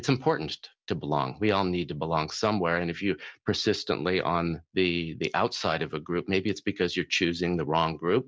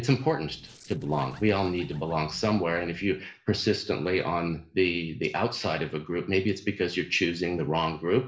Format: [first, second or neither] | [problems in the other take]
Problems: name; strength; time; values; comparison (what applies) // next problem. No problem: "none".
first | noise reduction (neural separator model SepFormer DNS4)